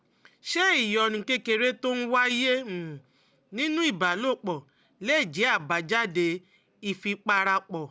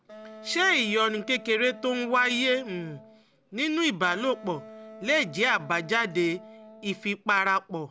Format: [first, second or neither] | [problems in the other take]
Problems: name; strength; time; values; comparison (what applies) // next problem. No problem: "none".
first | background sound (Wind instrument, woodwind instrument); 19 dB below the speech